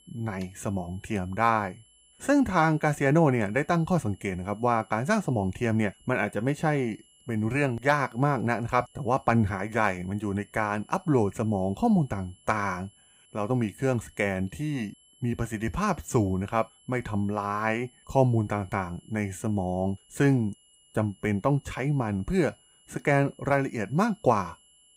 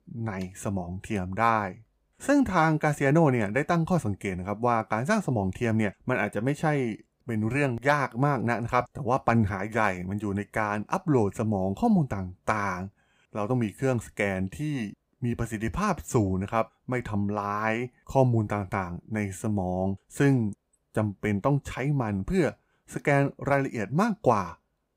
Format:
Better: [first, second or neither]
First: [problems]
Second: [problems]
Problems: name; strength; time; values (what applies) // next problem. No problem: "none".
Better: second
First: high-pitched whine; faint; throughout; 3 kHz, 30 dB below the speech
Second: none